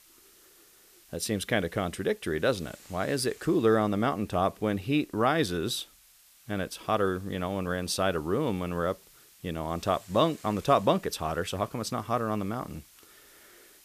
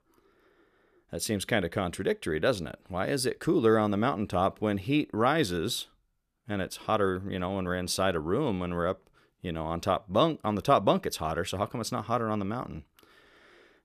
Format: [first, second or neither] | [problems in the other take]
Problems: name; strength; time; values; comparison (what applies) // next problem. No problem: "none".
second | hiss; faint; throughout; 25 dB below the speech